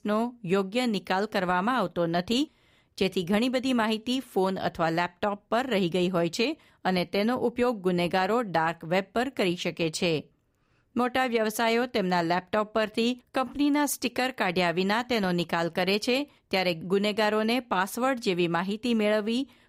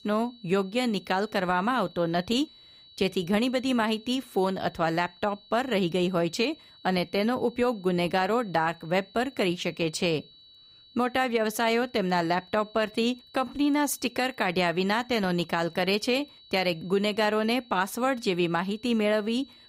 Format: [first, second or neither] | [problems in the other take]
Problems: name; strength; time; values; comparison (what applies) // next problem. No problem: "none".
first | high-pitched whine; faint; throughout; 4 kHz, 25 dB below the speech